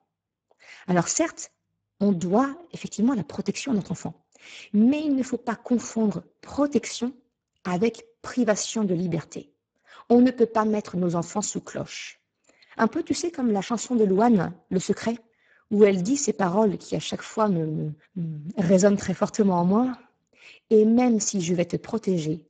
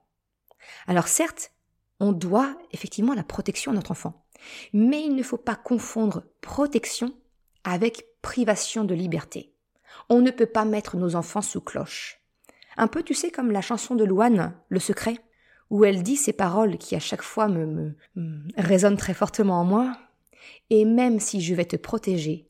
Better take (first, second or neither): second